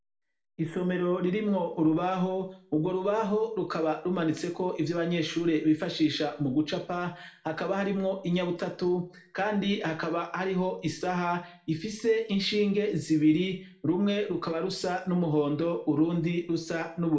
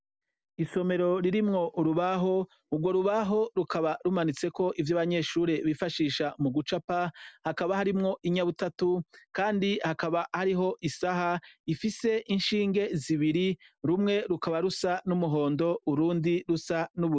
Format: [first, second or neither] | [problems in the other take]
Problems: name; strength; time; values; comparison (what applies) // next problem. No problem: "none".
second | room echo; dies away in 0.4 s